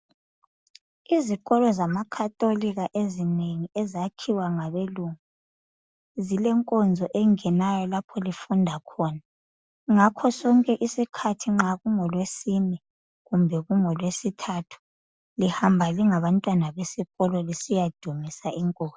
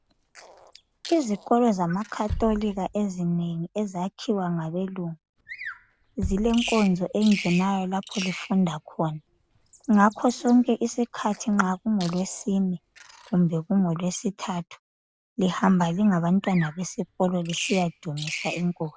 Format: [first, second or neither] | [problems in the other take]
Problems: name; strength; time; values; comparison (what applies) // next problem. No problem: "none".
first | background sound (Bass drum + Bird vocalization, bird call, bird song); 14 dB below the speech